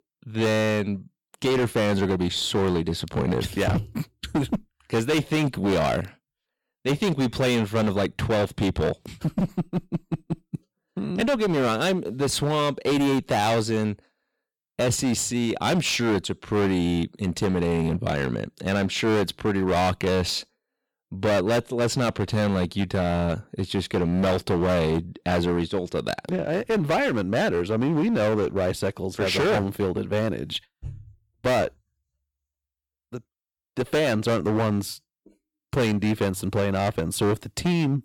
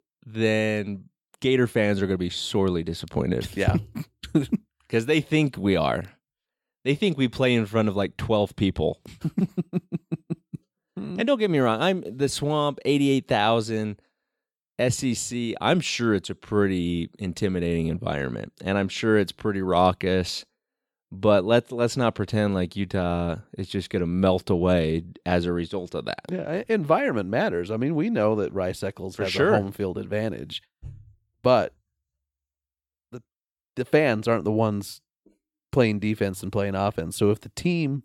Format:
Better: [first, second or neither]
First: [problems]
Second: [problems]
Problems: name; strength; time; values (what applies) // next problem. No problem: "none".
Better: second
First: distortion; heavy; 18% of the sound clipped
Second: none